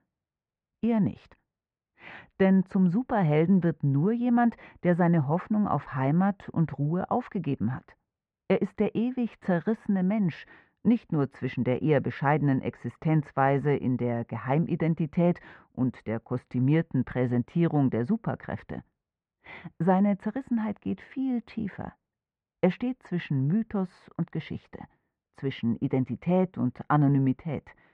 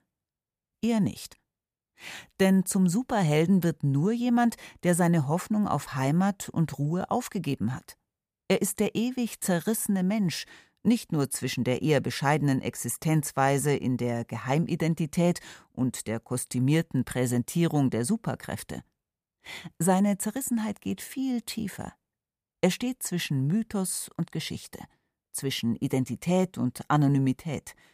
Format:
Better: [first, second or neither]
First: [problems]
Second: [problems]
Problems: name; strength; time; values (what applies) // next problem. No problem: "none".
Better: second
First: muffled; very; fading above 2 kHz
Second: none